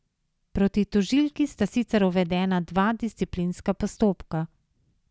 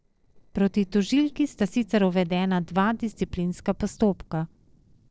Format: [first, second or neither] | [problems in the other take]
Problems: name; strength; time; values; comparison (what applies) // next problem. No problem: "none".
first | noise reduction (neural separator model SepFormer DNS4)